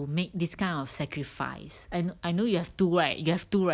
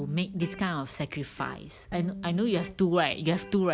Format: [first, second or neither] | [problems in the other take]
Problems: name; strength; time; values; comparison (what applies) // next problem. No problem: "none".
first | background sound (Electric guitar); 14 dB below the speech